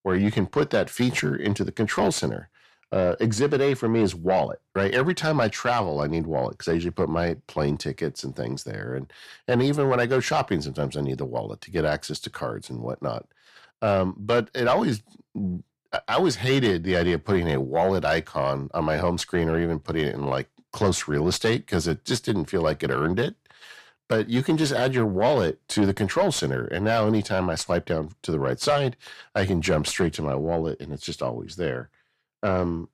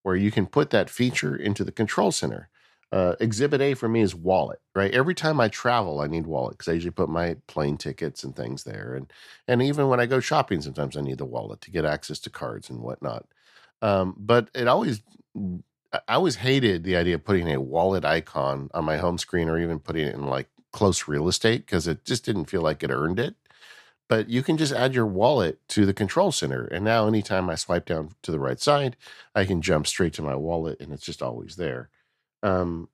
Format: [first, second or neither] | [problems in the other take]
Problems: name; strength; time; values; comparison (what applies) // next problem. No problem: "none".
second | distortion; slight; 10 dB below the speech